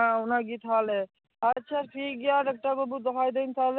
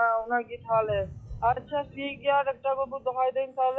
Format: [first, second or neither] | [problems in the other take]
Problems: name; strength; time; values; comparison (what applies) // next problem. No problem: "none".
first | noise reduction (classical method log-MMSE)